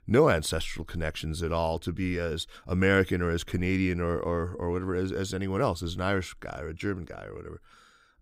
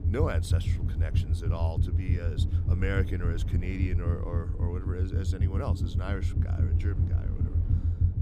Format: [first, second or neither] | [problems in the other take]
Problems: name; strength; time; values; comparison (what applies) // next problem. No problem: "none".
first | low rumble; loud; throughout; 4 dB below the speech